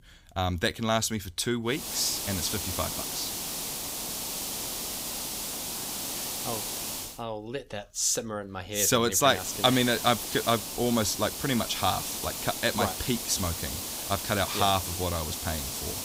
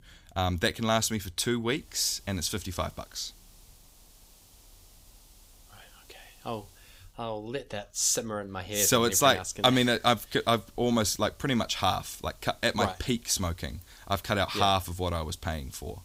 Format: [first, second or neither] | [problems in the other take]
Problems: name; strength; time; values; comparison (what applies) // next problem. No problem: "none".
second | hiss; loud; from 2 to 7 s and from 9.5 s on; 4 dB below the speech; faint in the second